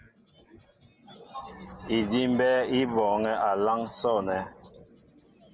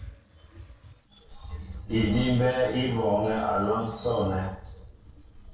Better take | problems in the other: first | noise reduction (neural separator model SepFormer DNS4)

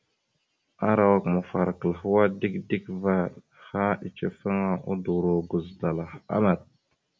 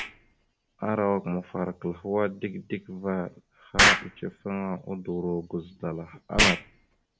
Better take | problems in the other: first | background sound (Explosion); 1 dB above the speech

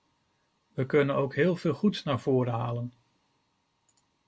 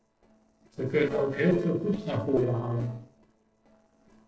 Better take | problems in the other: first | noise reduction (neural separator model SepFormer DNS4)

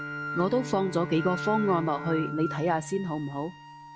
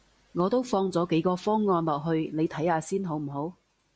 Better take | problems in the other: second | background sound (Wind instrument, woodwind instrument + Bowed string instrument); 8 dB below the speech

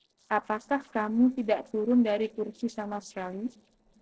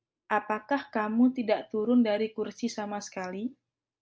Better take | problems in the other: second | noise reduction (neural separator model SepFormer DNS4)

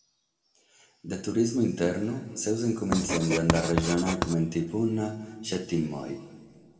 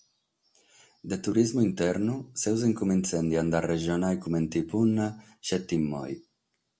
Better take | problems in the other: second | background sound (Writing); 4 dB below the speech // room echo; dies away in 1.7 s

